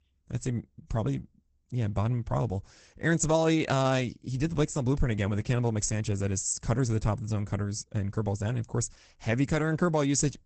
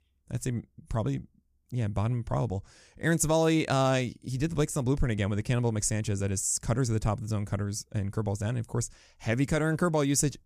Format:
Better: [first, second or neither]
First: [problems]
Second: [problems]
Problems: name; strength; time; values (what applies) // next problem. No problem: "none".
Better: second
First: garbled, watery; badly; nothing above 8 kHz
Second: none